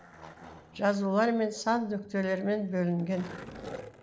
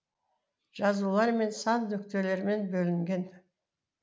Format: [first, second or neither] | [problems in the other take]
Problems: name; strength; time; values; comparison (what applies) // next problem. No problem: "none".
second | background sound (Skateboard); 17 dB below the speech